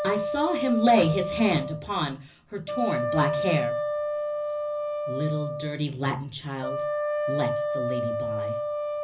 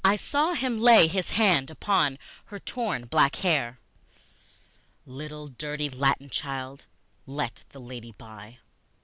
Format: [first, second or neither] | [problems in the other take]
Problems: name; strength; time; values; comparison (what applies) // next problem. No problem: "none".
second | background sound (Wind instrument, woodwind instrument); 1 dB below the speech // room echo; dies away in 0.4 s